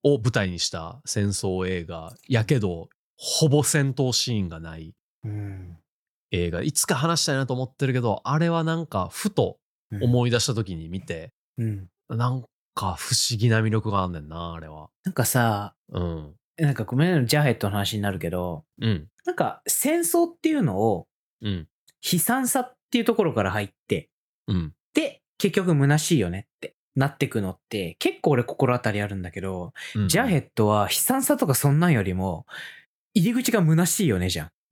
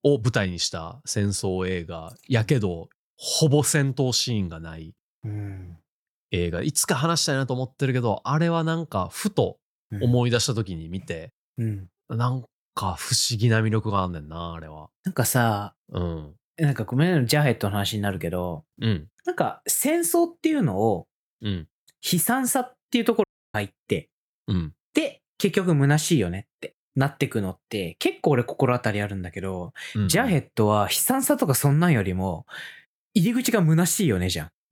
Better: first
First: none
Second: audio cutting out; at 23 s

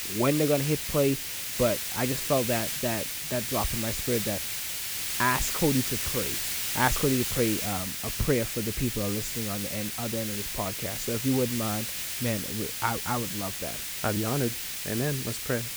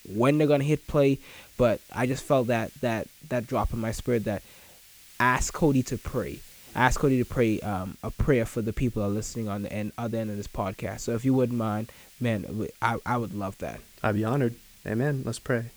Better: second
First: hiss; loud; throughout; as loud as the speech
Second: hiss; faint; throughout; 20 dB below the speech

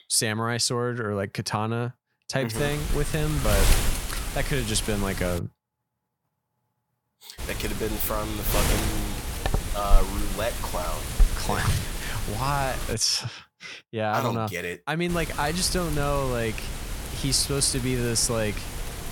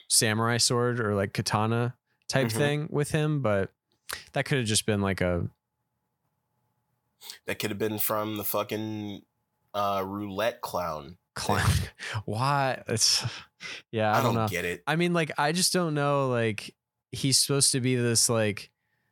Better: second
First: wind noise on the microphone; heavy; from 2.5 to 5.5 s, from 7.5 to 13 s and from 15 s on; 6 dB below the speech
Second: none

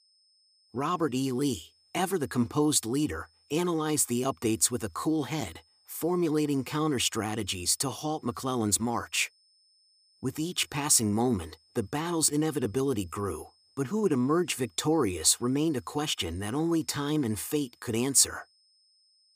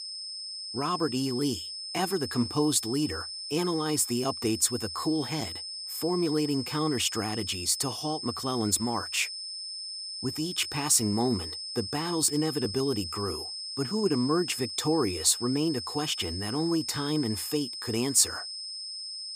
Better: first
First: high-pitched whine; faint; throughout; 5 kHz, 35 dB below the speech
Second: high-pitched whine; loud; throughout; 5 kHz, 7 dB below the speech

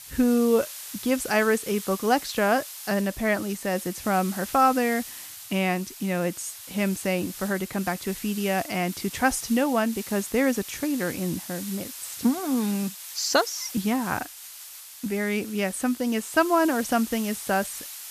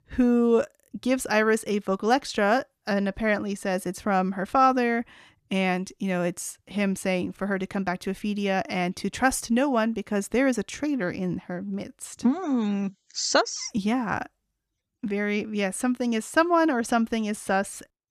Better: second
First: hiss; noticeable; throughout; 10 dB below the speech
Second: none

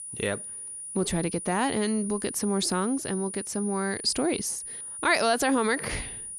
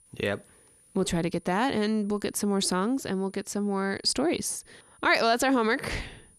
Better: second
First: high-pitched whine; loud; throughout; 9.5 kHz, 8 dB below the speech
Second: high-pitched whine; faint; throughout; 9.5 kHz, 30 dB below the speech

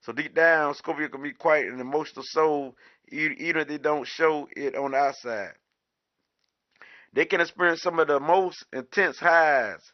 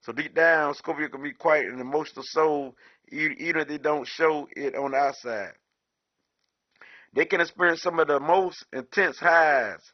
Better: first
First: garbled, watery; slightly; nothing above 6 kHz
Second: garbled, watery; badly; nothing above 6 kHz

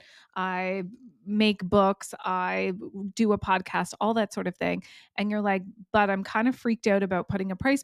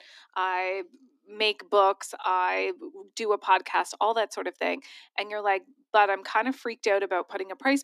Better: first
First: none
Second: thin; somewhat; fading below 250 Hz

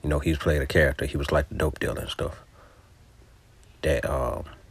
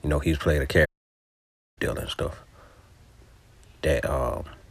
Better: first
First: none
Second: audio cutting out; at 1 s for 1 s

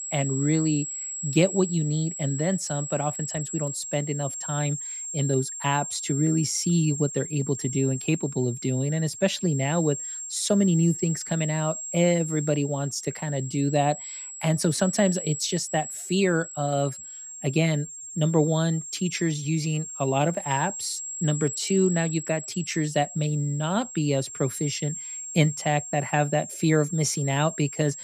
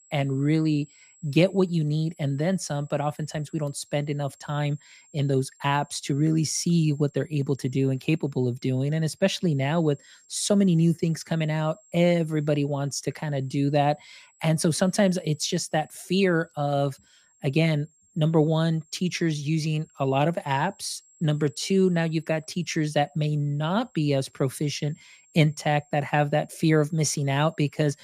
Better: second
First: high-pitched whine; loud; throughout; 7.5 kHz, 7 dB below the speech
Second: high-pitched whine; faint; throughout; 7.5 kHz, 30 dB below the speech

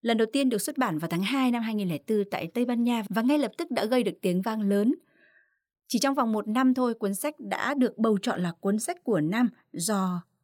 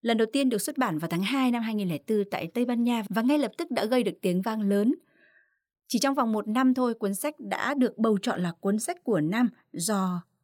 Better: neither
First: none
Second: none

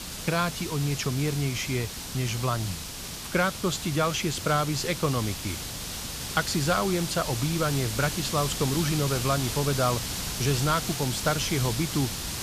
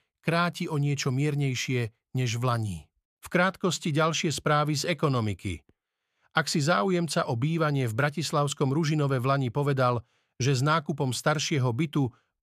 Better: second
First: hiss; loud; throughout; 4 dB below the speech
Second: none

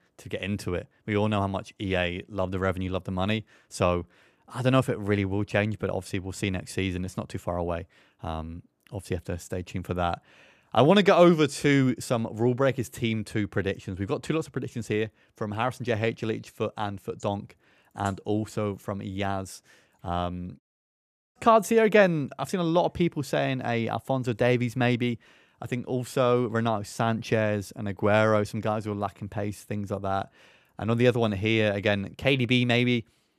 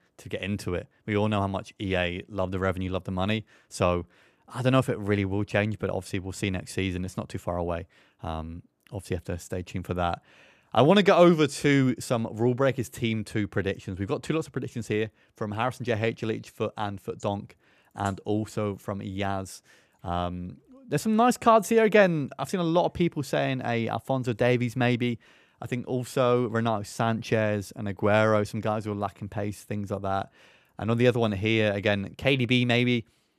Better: second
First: audio cutting out; at 21 s for 1 s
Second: none

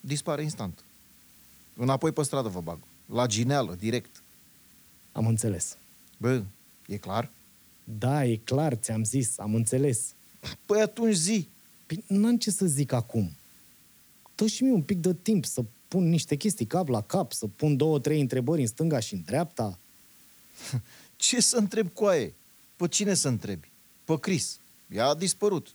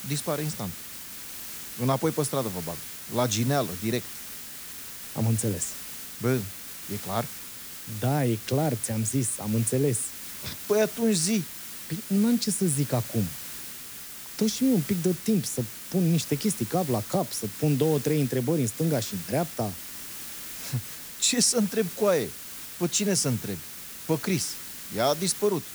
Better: first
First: hiss; faint; throughout; 25 dB below the speech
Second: hiss; loud; throughout; 9 dB below the speech

